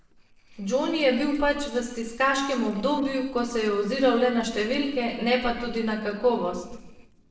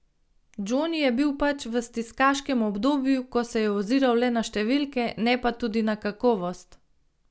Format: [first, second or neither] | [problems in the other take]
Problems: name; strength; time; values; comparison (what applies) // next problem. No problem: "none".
second | noise reduction (neural separator model SepFormer DNS4)